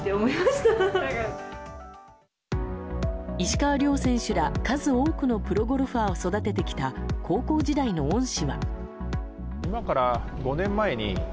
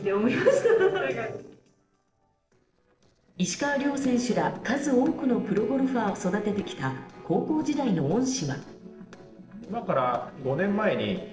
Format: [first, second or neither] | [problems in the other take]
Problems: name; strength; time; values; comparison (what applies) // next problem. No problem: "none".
first | noise reduction (neural separator model SepFormer DNS4)